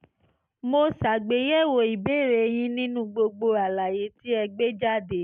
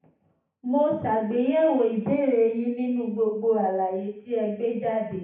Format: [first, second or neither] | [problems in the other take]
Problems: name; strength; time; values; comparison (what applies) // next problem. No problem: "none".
first | room echo; dies away in 0.7 s